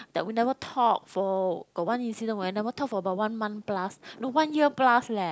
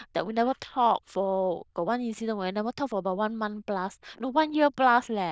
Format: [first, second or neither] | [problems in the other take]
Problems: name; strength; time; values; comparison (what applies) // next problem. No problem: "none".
first | noise reduction (neural diffusion model UNIVERSE++)